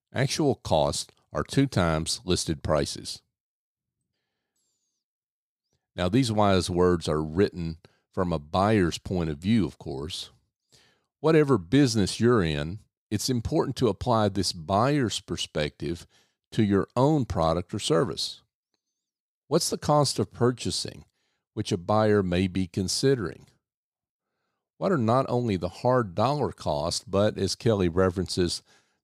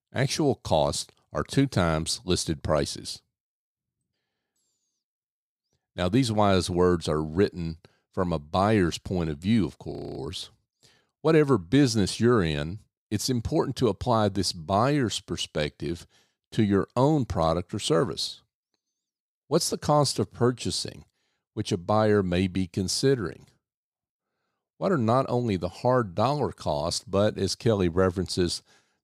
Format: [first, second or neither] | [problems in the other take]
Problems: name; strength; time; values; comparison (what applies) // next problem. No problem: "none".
first | audio freezing; at 10 s